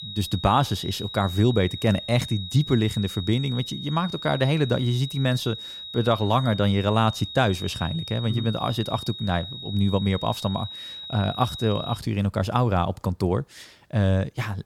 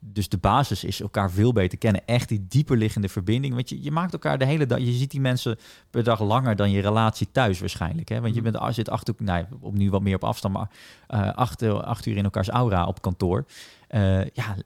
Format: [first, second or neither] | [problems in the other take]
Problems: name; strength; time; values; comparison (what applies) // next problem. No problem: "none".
second | high-pitched whine; loud; until 12 s; 4 kHz, 10 dB below the speech